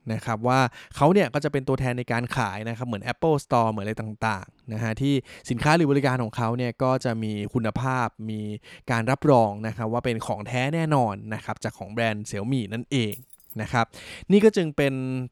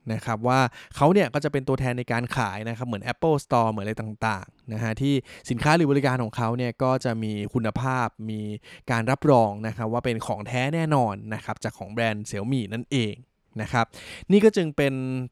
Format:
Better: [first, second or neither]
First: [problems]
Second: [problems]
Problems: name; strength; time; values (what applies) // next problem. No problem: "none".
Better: second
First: jangling keys; faint; at 13 s; peak 15 dB below the speech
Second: none